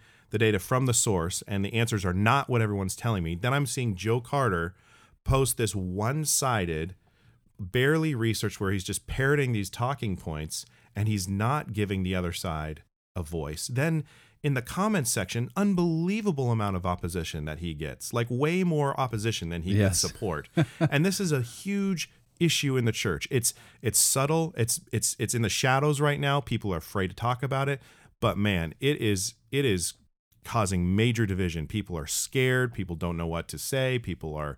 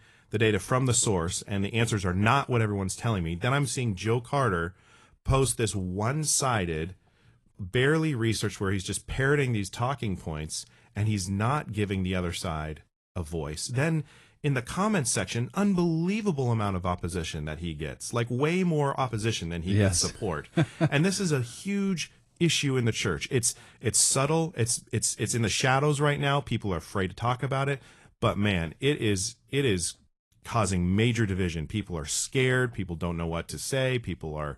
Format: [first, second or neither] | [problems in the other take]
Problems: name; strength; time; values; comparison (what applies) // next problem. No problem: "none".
first | garbled, watery; slightly